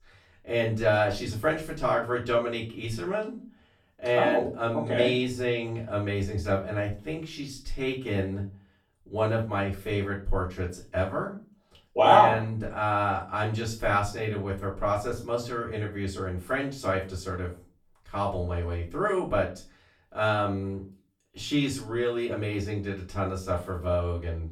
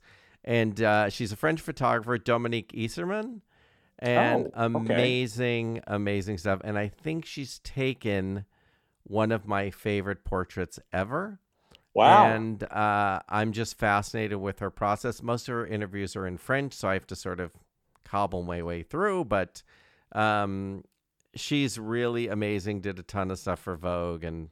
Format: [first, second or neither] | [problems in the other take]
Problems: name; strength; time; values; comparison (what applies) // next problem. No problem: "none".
second | off-mic speech; far // room echo; slight; dies away in 0.3 s